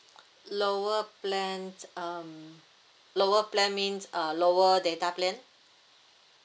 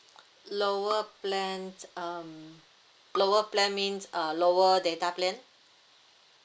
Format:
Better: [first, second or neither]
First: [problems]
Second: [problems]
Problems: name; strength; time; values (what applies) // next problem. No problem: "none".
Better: first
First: none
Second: background sound (Bowed string instrument); 16 dB below the speech